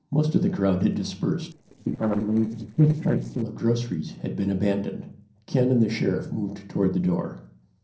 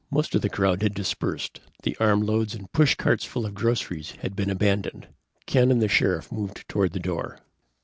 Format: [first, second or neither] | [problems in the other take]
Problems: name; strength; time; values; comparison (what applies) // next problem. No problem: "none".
second | noise reduction (neural separator model SepFormer DNS4)